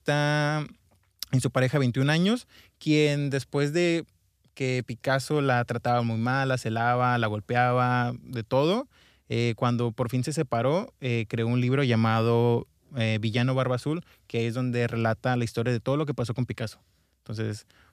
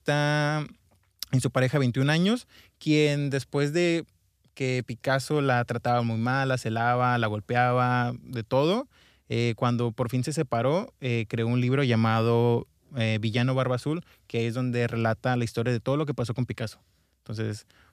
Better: neither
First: none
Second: none

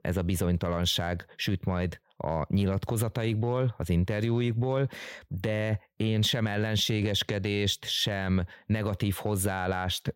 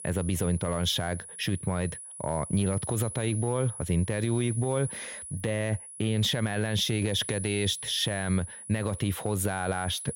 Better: first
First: none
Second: high-pitched whine; loud; throughout; 10 kHz, 9 dB below the speech

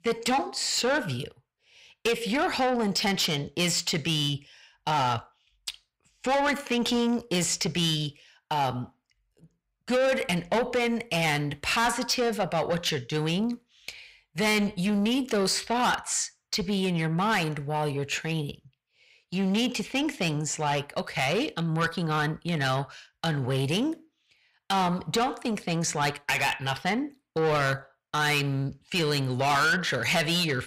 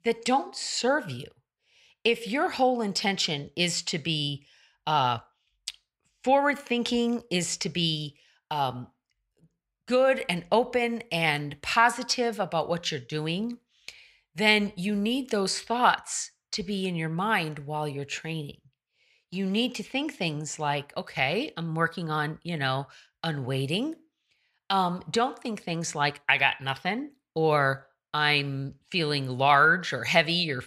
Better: second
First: distortion; heavy; 6 dB below the speech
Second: none

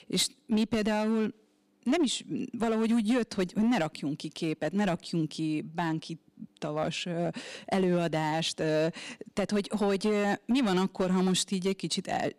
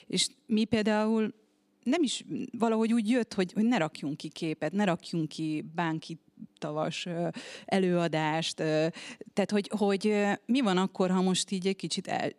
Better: second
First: distortion; slight; 6% of the sound clipped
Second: none

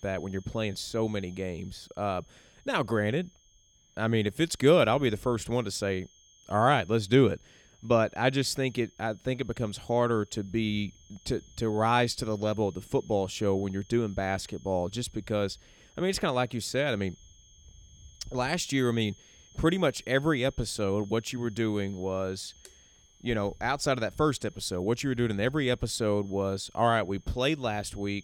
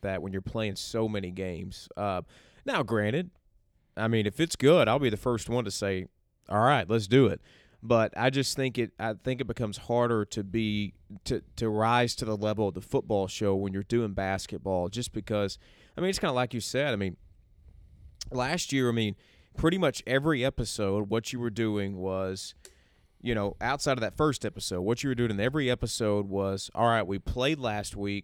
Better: second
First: high-pitched whine; faint; throughout; 6.5 kHz, 30 dB below the speech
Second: none

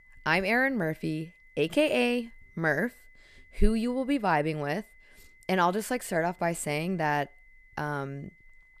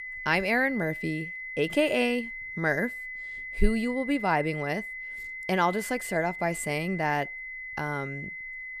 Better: first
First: high-pitched whine; faint; throughout; 2 kHz, 30 dB below the speech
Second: high-pitched whine; loud; throughout; 2 kHz, 8 dB below the speech

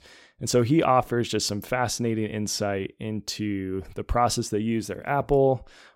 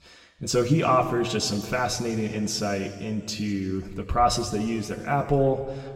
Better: first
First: none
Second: room echo; slight; dies away in 1.5 s // off-mic speech; somewhat distant

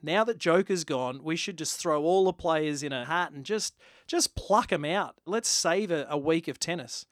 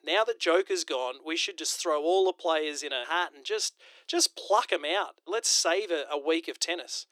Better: first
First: none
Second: thin; very; fading below 350 Hz

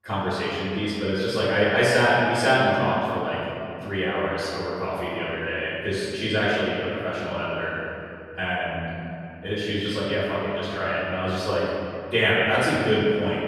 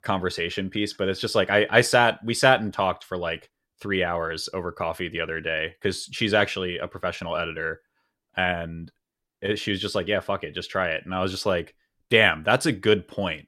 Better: second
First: off-mic speech; far // room echo; strong; dies away in 2.8 s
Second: none

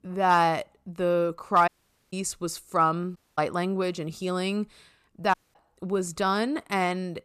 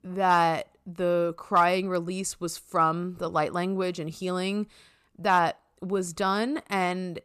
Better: second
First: audio cutting out; at 1.5 s, at 3 s and at 5.5 s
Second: none

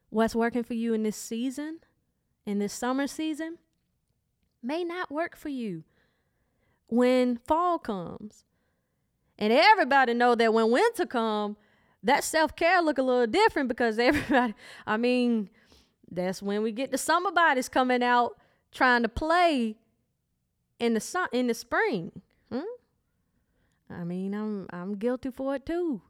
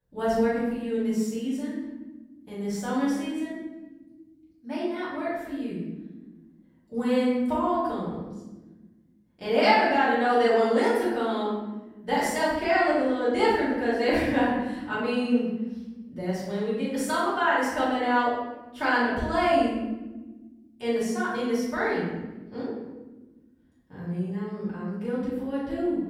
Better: first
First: none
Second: off-mic speech; far // room echo; strong; dies away in 1.1 s

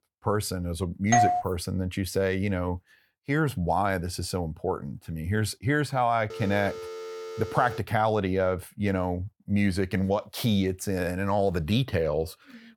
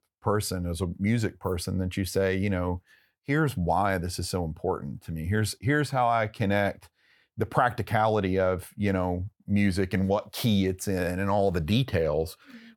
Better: second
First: doorbell; loud; at 1 s; peak 5 dB above the speech // phone ringing; faint; from 6.5 to 8 s; peak 10 dB below the speech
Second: none

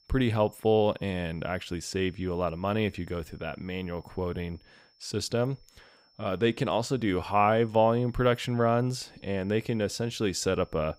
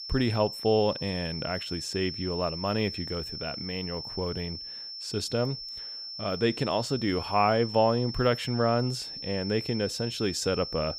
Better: first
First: high-pitched whine; faint; throughout; 5.5 kHz, 35 dB below the speech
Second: high-pitched whine; loud; throughout; 5.5 kHz, 7 dB below the speech

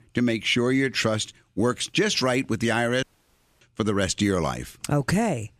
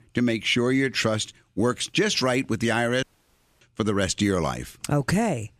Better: neither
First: audio cutting out; at 3 s for 0.5 s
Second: audio cutting out; at 3 s for 0.5 s

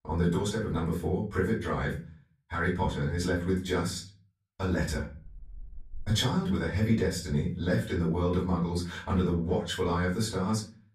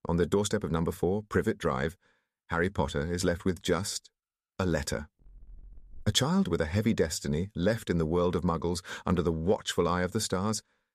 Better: second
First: off-mic speech; far // room echo; slight; dies away in 0.4 s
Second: none

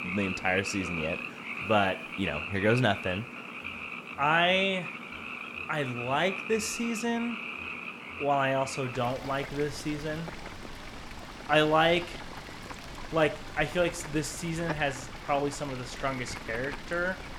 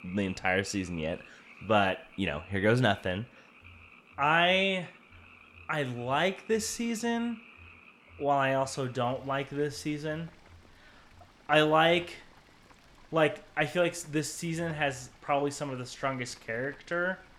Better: second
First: animal sounds; loud; throughout; 9 dB below the speech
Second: animal sounds; faint; throughout; 25 dB below the speech

